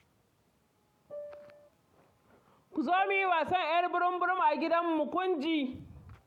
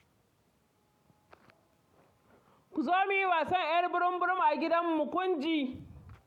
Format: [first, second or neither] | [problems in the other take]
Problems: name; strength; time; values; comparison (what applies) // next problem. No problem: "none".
second | background sound (Piano); 14 dB below the speech